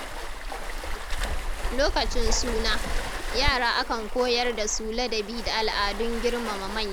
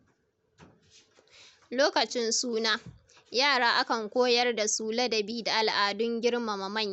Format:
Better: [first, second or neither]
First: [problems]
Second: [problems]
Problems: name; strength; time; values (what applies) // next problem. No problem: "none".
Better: second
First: background sound (Waves, surf); as loud as the speech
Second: none